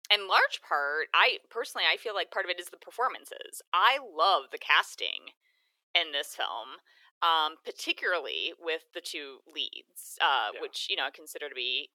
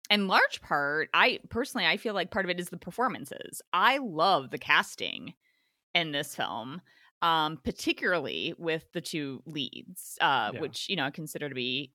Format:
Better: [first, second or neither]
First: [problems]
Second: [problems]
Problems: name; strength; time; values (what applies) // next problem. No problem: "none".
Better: second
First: thin; very; fading below 400 Hz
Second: none